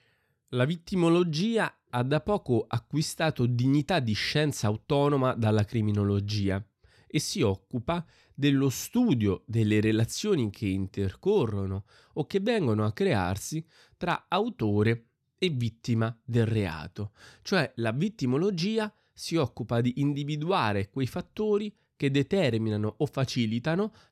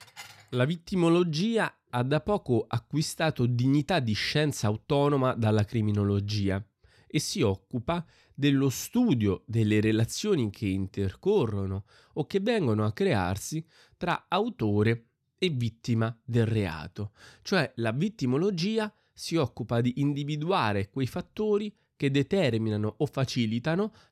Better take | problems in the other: first | clattering dishes; faint; at the start; peak 15 dB below the speech

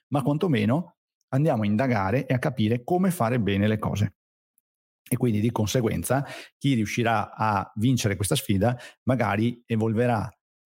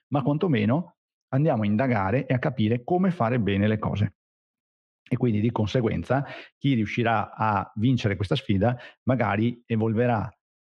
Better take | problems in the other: first | muffled; slightly; fading above 3.5 kHz

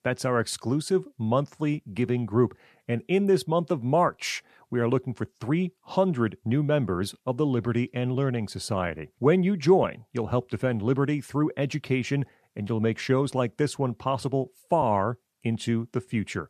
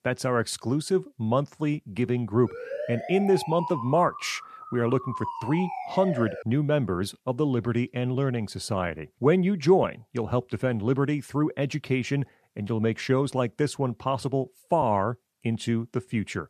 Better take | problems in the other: first | siren; noticeable; from 2.5 to 6.5 s; peak 7 dB below the speech

